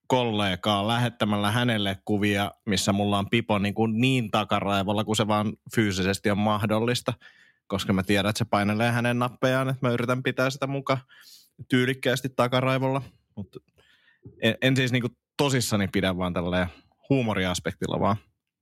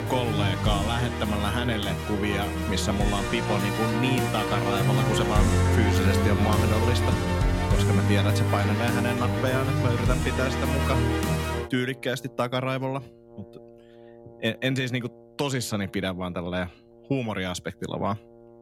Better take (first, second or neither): first